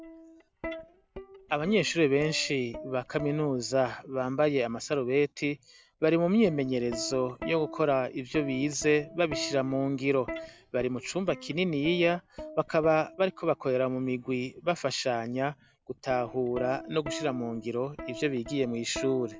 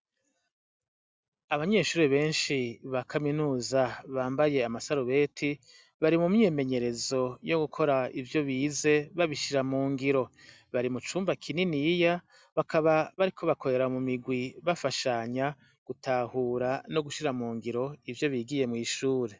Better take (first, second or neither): second